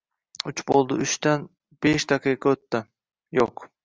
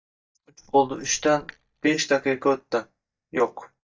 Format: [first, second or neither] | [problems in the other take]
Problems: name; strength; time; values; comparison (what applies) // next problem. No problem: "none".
first | noise reduction (neural mask model DeepFilterNet 3)